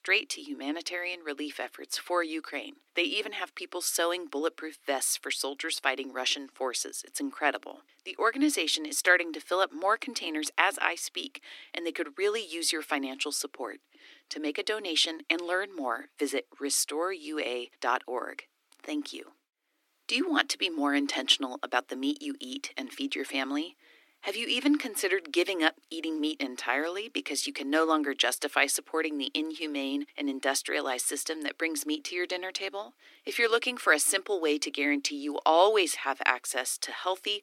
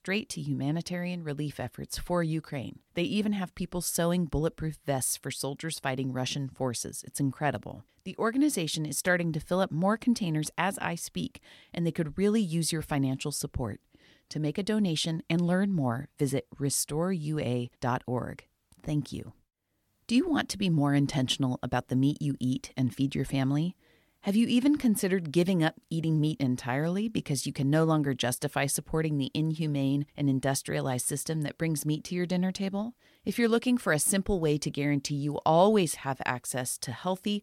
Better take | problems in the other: second | thin; somewhat; fading below 300 Hz

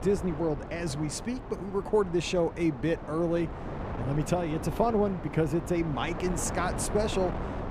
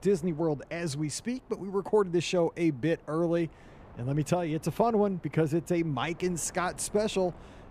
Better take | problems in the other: second | wind noise on the microphone; heavy; 9 dB below the speech; occasional gusts in the second

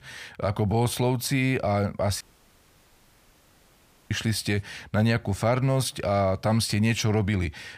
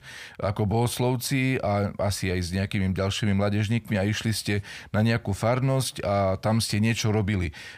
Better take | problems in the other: second | audio cutting out; at 2 s for 2 s

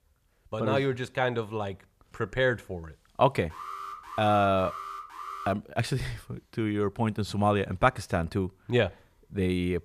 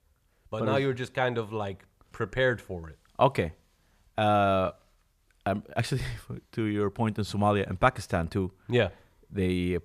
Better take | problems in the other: second | alarm; noticeable; from 3.5 to 5.5 s; peak 10 dB below the speech

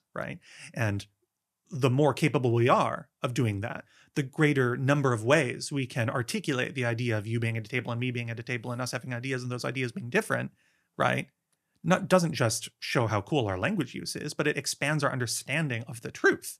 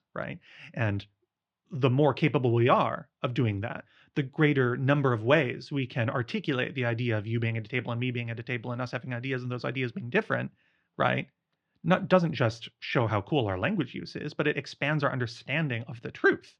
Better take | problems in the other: first | muffled; slightly; fading above 3.5 kHz

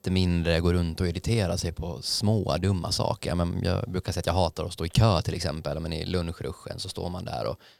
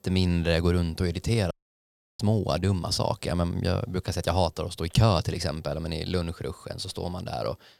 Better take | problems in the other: first | audio cutting out; at 1.5 s for 0.5 s

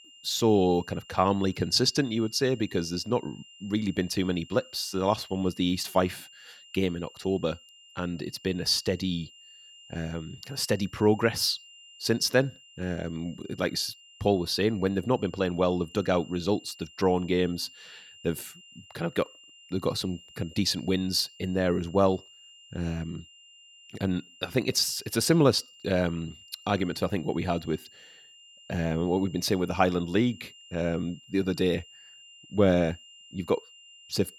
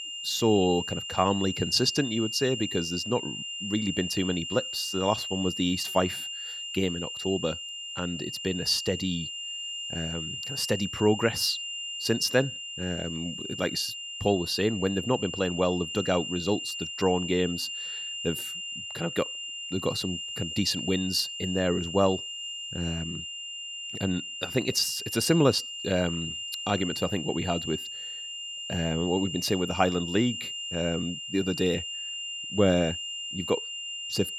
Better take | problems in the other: first | high-pitched whine; loud; throughout; 3 kHz, 5 dB below the speech; faint in the first

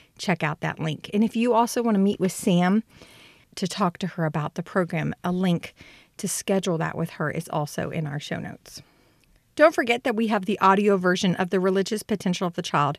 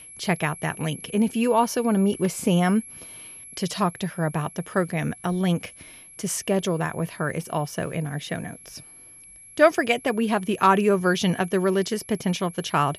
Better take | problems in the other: first | high-pitched whine; noticeable; throughout; 11 kHz, 20 dB below the speech

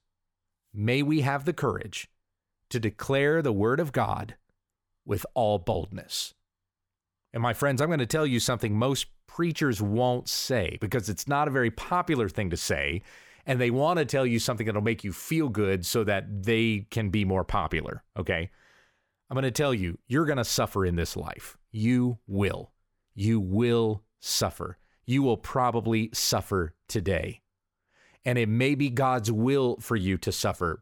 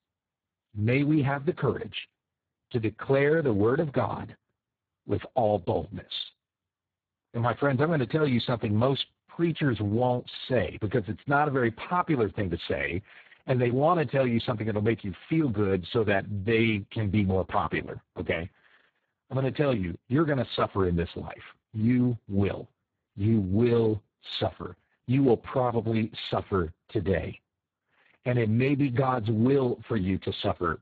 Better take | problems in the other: first | garbled, watery; badly; nothing above 4 kHz

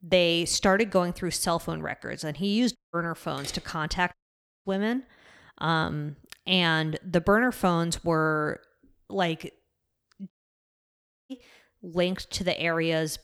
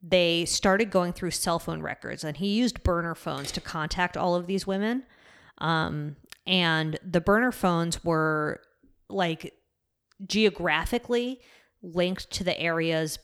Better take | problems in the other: second | audio cutting out; at 3 s, at 4 s for 0.5 s and at 10 s for 1 s

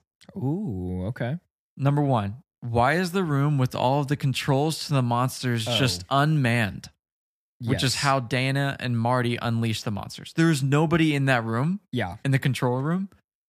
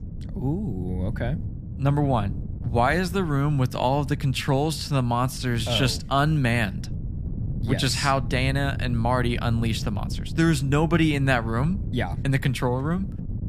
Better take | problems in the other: first | wind noise on the microphone; occasional gusts; 20 dB below the speech

